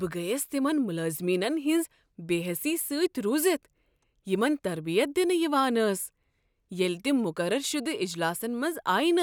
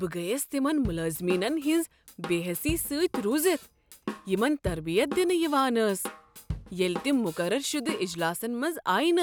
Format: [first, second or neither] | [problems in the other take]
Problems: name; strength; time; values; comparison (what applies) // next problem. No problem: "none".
first | background sound (Drum / Drum kit); 12 dB below the speech